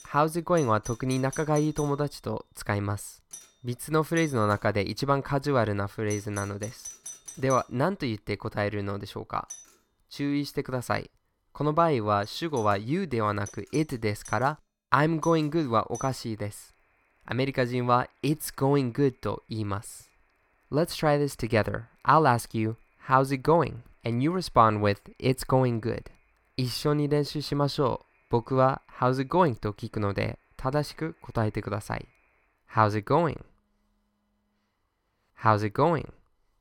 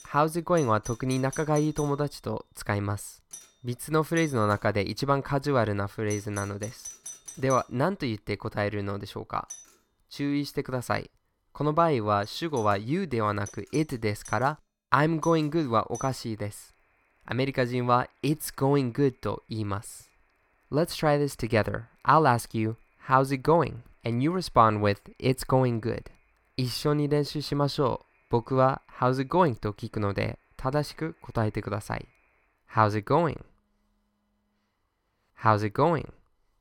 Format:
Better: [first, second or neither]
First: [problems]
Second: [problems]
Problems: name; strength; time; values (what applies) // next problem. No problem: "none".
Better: neither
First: alarms or sirens; noticeable; throughout; 15 dB below the speech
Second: alarms or sirens; noticeable; throughout; 15 dB below the speech